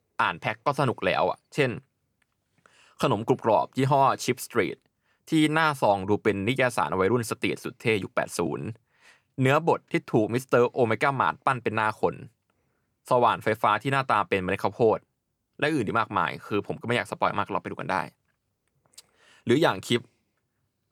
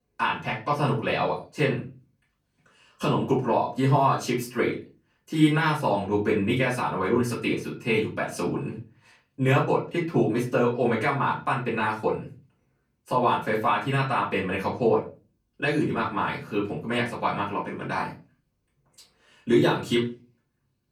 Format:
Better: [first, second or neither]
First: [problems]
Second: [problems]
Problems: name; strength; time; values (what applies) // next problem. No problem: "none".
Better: first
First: none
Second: off-mic speech; far // room echo; slight; dies away in 0.3 s